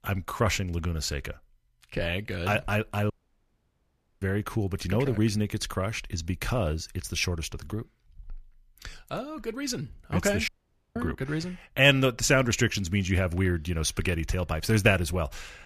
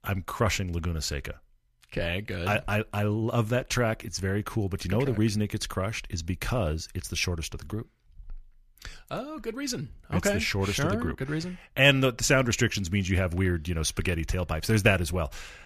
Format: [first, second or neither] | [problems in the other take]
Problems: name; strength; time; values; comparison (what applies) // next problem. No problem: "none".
second | audio cutting out; at 3 s for 1 s and at 10 s